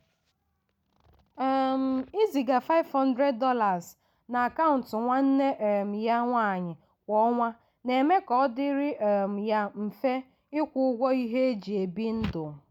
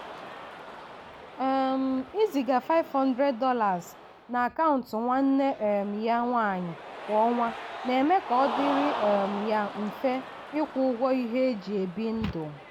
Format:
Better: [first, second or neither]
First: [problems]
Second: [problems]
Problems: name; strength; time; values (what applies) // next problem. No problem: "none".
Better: first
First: none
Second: background sound (Cheering); 11 dB below the speech